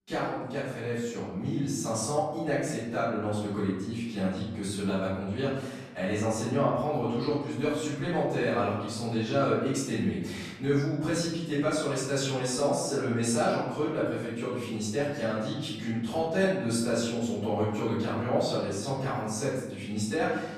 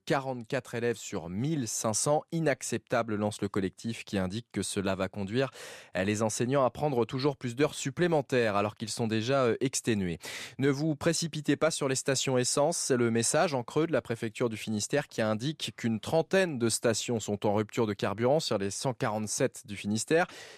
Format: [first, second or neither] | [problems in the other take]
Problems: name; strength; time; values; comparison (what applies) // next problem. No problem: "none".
second | off-mic speech; far // room echo; noticeable; dies away in 1 s